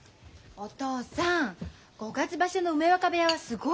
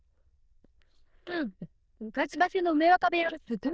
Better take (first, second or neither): first